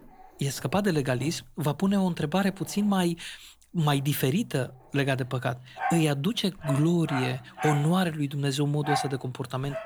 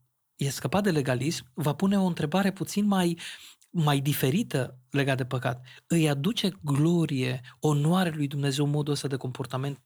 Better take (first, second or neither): second